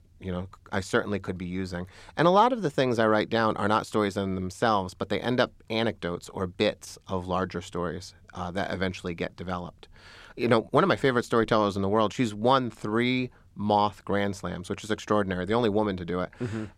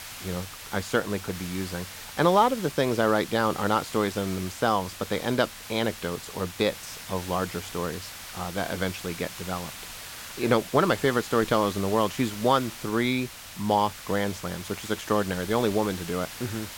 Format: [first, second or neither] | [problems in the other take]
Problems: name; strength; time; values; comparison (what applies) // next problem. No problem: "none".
first | hiss; noticeable; throughout; 10 dB below the speech